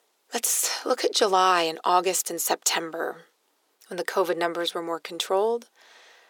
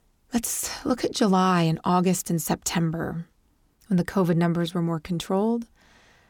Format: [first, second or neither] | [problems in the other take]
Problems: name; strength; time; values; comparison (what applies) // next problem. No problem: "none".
second | thin; very; fading below 450 Hz